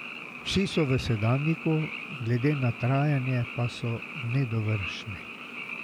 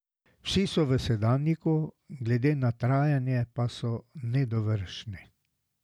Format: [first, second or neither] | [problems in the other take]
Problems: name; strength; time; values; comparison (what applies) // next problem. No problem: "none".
second | background sound (Frog); 11 dB below the speech